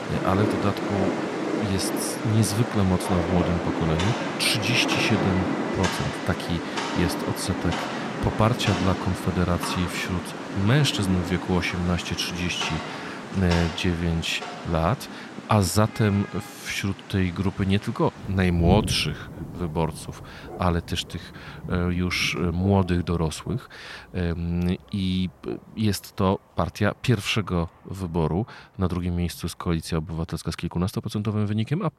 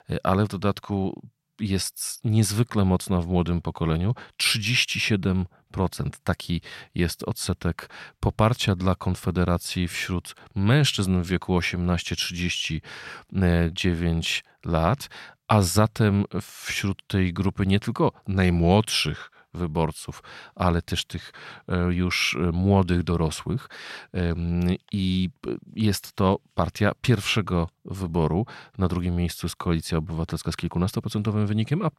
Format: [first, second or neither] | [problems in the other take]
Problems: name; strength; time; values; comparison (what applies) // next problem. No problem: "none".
second | rain or running water; loud; throughout; 4 dB below the speech